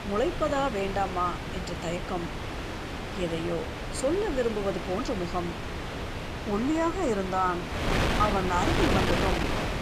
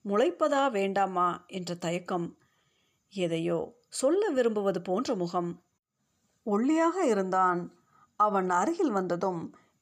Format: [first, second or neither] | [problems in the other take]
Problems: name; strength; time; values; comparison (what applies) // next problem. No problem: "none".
second | wind noise on the microphone; heavy; 3 dB below the speech